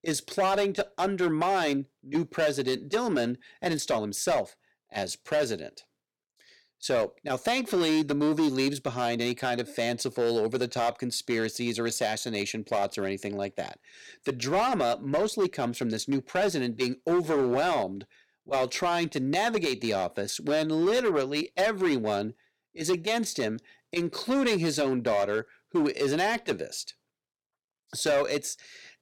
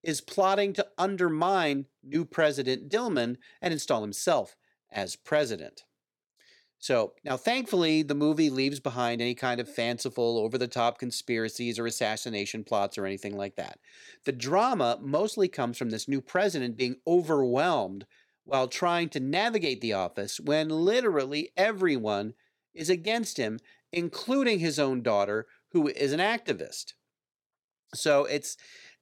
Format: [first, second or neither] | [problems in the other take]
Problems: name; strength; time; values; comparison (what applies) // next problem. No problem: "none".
second | distortion; slight; 7% of the sound clipped